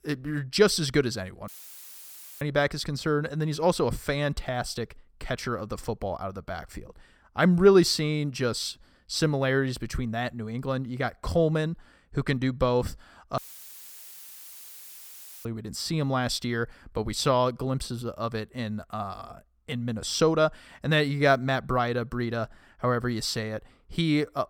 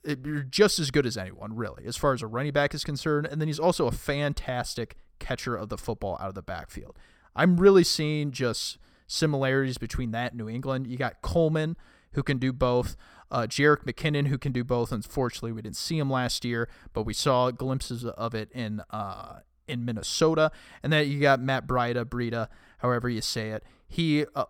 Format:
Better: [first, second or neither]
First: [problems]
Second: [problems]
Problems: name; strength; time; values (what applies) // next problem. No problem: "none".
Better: second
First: audio cutting out; filled with static; at 1.5 s for 1 s and at 13 s for 2 s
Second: none